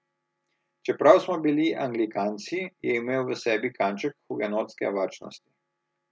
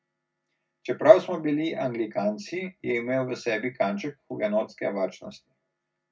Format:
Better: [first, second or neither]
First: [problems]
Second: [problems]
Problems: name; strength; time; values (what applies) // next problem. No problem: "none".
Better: first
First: none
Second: room echo; dies away in 0.4 s